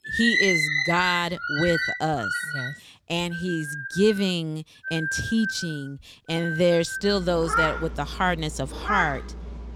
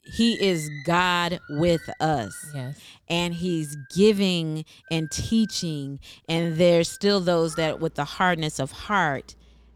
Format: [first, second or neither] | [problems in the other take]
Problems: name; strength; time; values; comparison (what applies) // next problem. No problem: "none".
second | animal sounds; loud; throughout; 1 dB below the speech; faint in the second